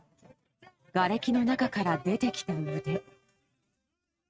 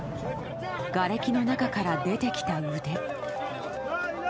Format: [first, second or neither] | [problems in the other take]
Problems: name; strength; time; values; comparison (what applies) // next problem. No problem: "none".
second | noise reduction (neural mask model RNNoise)